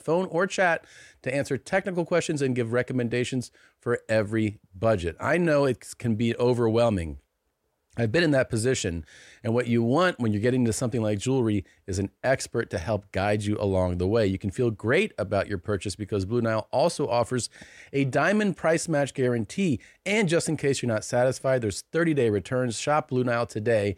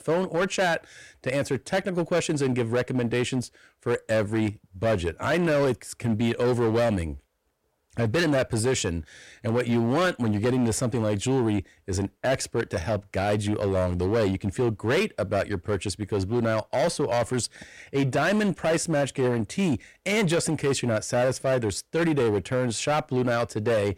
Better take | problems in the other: first | distortion; slight; 12% of the sound clipped

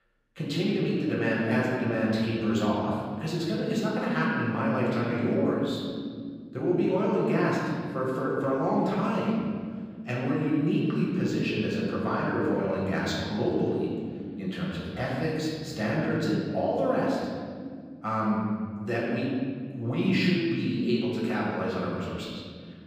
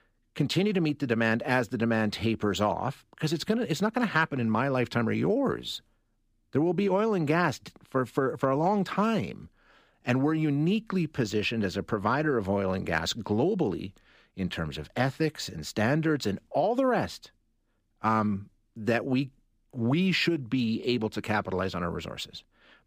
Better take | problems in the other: second | room echo; noticeable; dies away in 2.1 s // off-mic speech; far

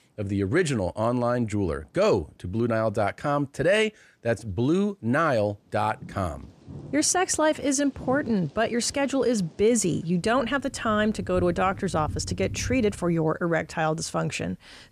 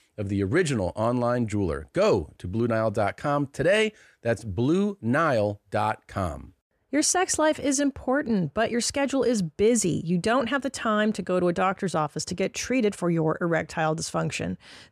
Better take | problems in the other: second | rain or running water; noticeable; throughout; 15 dB below the speech

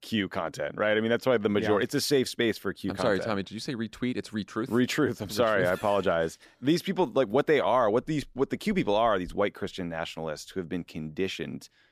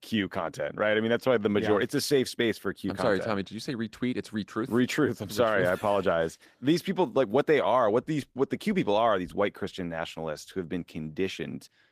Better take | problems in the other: first | garbled, watery; slightly; nothing above 14.5 kHz

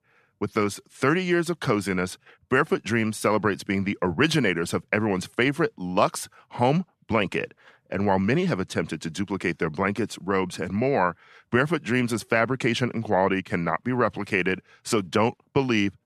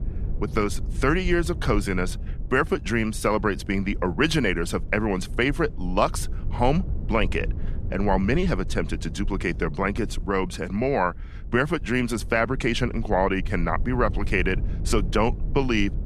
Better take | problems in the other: first | low rumble; faint; throughout; 20 dB below the speech

